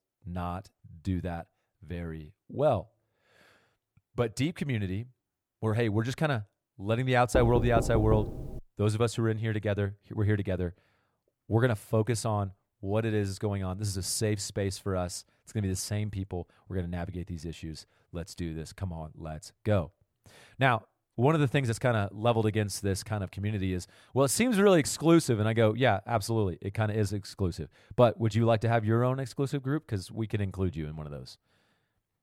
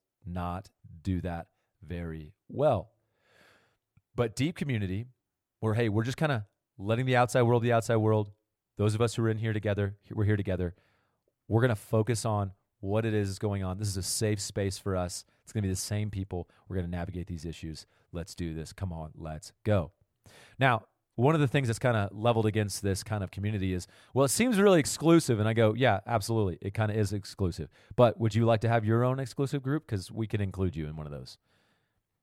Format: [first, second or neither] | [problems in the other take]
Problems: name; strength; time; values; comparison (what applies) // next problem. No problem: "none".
second | door banging; noticeable; from 7.5 to 8.5 s; peak 2 dB below the speech